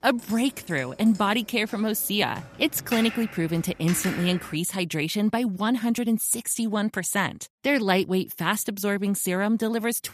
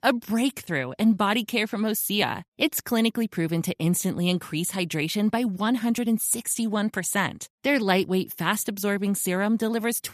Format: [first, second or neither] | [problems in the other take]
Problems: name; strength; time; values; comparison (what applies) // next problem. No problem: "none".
second | keyboard typing; noticeable; until 4.5 s; peak 7 dB below the speech